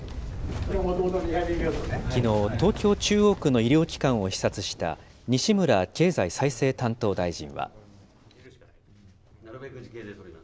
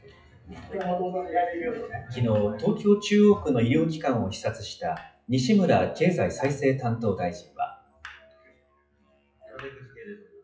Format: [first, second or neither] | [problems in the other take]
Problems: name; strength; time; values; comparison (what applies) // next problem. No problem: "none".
first | noise reduction (classical method WPE with log-MMSE)